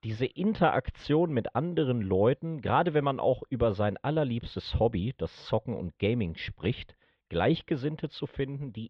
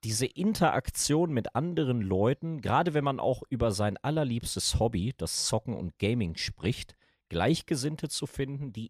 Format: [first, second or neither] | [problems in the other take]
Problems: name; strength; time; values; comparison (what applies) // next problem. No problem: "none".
second | muffled; very; fading above 3.5 kHz